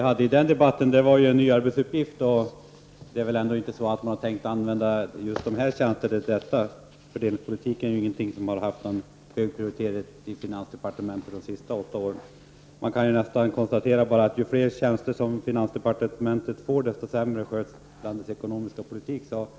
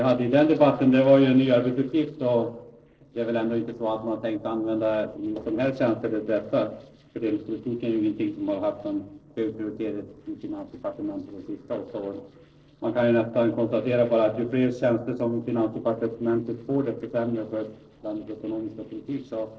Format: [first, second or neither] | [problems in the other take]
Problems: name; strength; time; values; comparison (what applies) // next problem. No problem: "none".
first | noise reduction (neural separator model SepFormer DNS4)